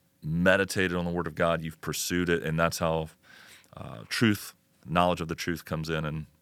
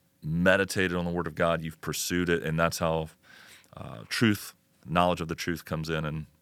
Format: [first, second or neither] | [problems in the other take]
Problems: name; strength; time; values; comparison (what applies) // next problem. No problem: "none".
neither | none